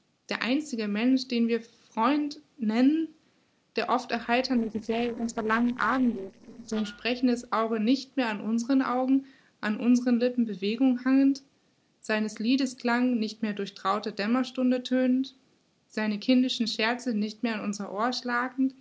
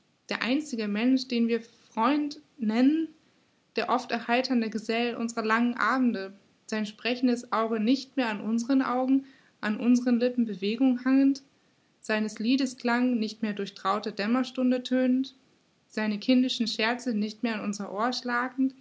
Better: second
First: noise reduction (neural separator model SepFormer DNS4)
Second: none

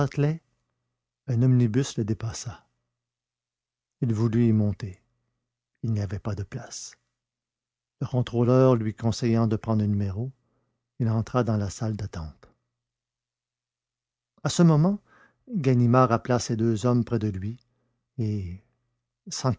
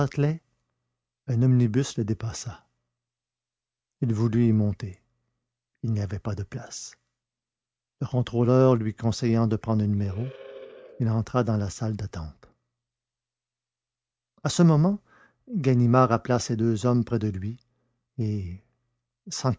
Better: first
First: none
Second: background sound (Animal); 19 dB below the speech

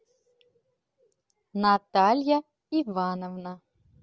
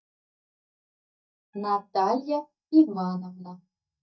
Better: first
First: none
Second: noise reduction (neural mask model DeepFilterNet 3)

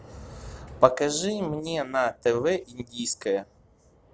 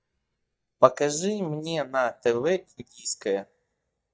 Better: first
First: none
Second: noise reduction (neural mask model DeepFilterNet 3)

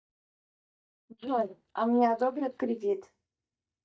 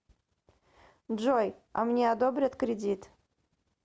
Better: second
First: noise reduction (neural mask model DeepFilterNet 3)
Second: none

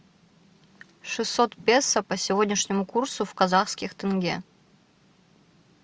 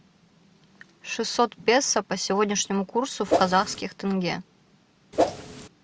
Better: first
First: none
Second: background sound (Whoosh, swoosh, swish); 1 dB above the speech

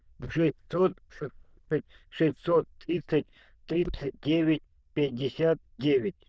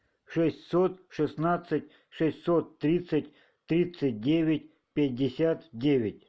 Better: second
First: noise reduction (neural diffusion model UNIVERSE++)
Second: none

